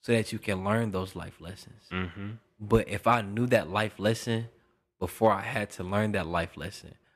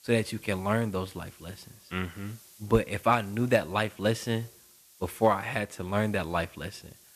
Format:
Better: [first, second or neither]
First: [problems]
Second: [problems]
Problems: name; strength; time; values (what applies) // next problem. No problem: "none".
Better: first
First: none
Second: hiss; faint; throughout; 25 dB below the speech